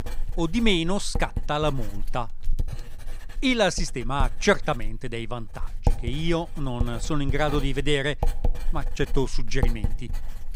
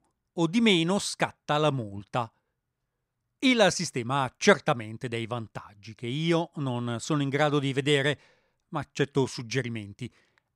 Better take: second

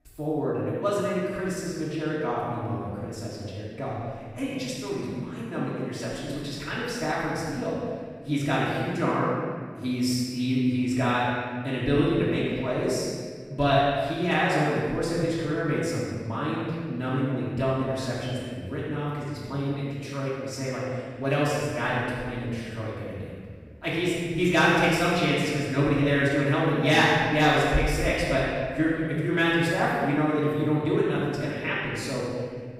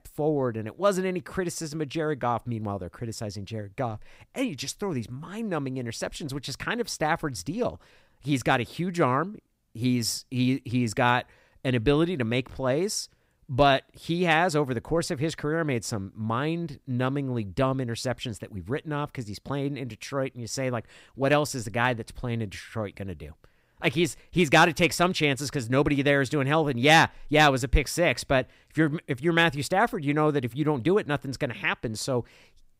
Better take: second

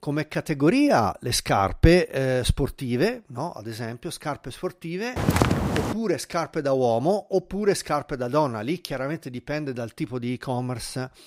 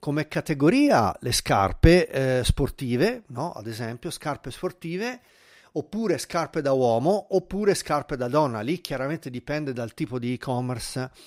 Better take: second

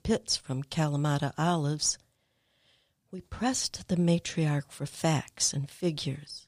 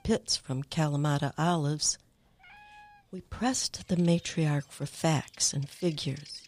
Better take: first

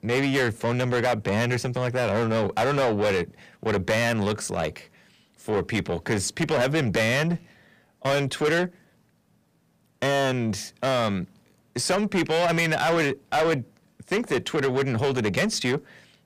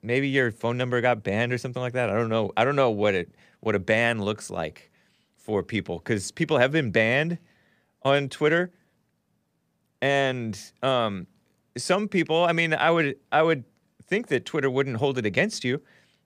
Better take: second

